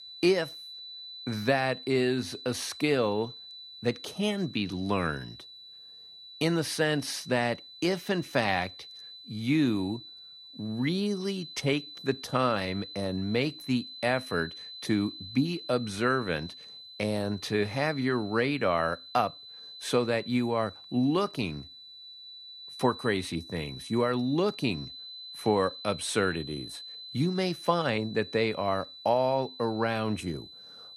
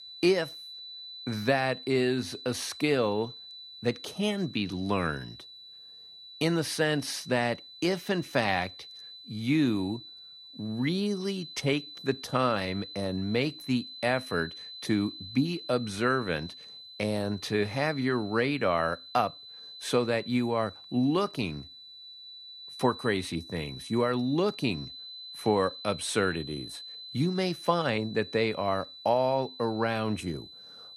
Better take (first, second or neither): neither